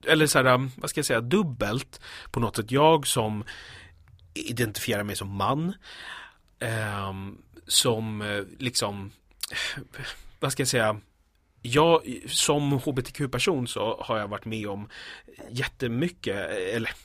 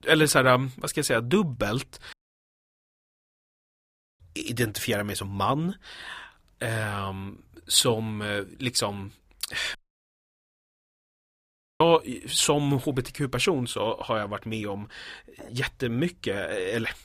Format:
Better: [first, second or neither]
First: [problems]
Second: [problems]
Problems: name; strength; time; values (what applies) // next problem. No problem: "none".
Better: first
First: none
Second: audio cutting out; at 2 s for 2 s and at 10 s for 2 s